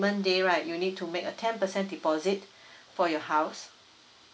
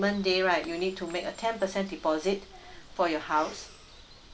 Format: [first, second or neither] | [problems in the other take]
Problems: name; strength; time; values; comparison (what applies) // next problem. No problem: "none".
first | background sound (Bird vocalization, bird call, bird song); 19 dB below the speech